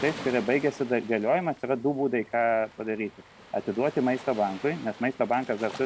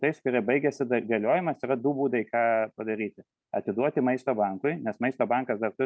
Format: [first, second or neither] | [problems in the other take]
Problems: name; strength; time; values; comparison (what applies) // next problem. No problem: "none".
second | background sound (Waves, surf); 17 dB below the speech